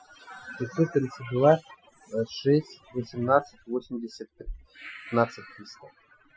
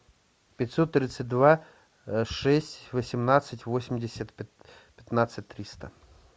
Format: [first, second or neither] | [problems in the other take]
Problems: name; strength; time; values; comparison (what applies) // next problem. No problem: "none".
second | noise reduction (classical method Wiener filter)